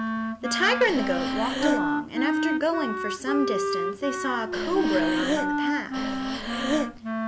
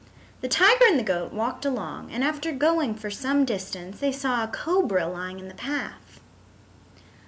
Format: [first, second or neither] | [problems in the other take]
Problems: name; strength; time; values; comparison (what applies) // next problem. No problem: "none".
second | background sound (Breathing + Wind instrument, woodwind instrument); 2 dB above the speech